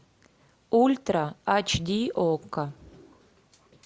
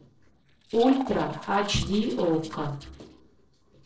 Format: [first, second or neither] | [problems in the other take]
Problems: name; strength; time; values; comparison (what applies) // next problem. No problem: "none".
first | noise reduction (neural separator model SepFormer DNS4)